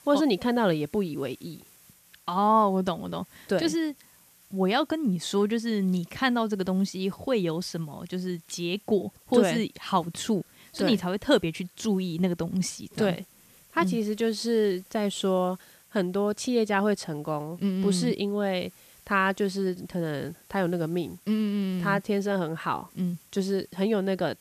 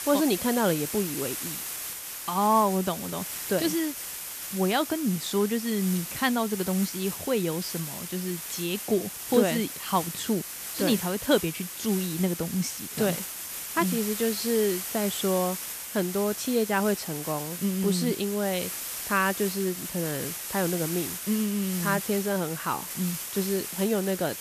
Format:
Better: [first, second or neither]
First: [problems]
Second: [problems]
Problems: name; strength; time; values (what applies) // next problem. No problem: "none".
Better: first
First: hiss; faint; throughout; 25 dB below the speech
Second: hiss; loud; throughout; 5 dB below the speech